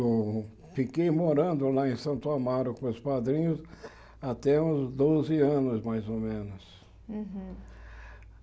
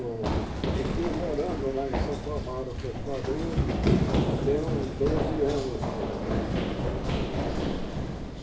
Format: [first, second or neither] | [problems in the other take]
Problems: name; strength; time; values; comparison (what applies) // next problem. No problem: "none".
first | background sound (Run); 4 dB above the speech // room echo; dies away in 0.3 s